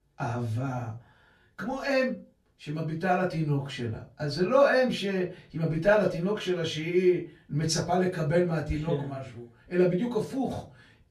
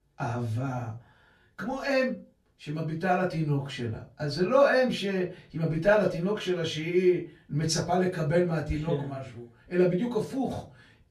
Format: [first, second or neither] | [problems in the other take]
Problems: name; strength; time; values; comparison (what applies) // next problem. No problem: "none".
neither | off-mic speech; far; the same in both // room echo; very slight; dies away in 0.3 s; the same in both